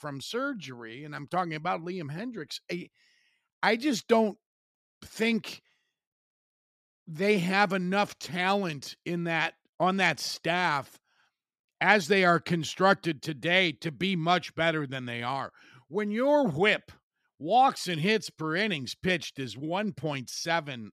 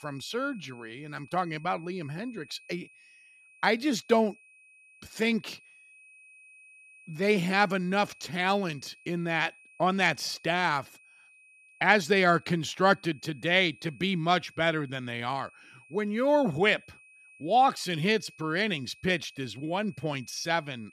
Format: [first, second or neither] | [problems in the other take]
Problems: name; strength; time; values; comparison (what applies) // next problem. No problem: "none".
first | high-pitched whine; faint; throughout; 2.5 kHz, 25 dB below the speech